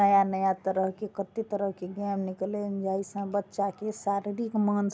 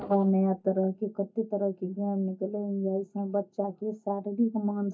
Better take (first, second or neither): first